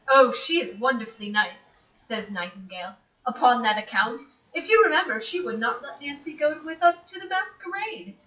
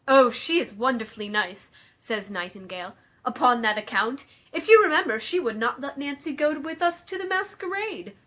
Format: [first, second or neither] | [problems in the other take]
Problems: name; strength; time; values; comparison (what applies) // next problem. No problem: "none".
second | noise reduction (classical method WPE with log-MMSE)